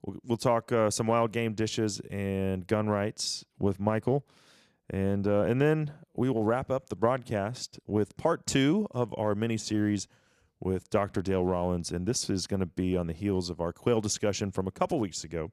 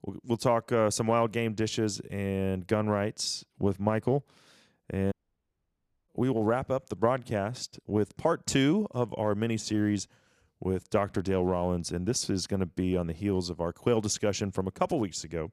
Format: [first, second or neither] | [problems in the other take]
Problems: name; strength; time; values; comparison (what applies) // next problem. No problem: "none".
first | audio cutting out; at 5 s for 1 s